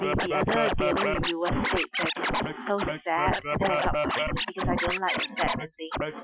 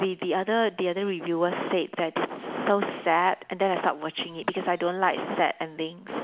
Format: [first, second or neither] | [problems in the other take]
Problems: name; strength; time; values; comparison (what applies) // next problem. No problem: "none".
second | noise reduction (classical method Wiener filter)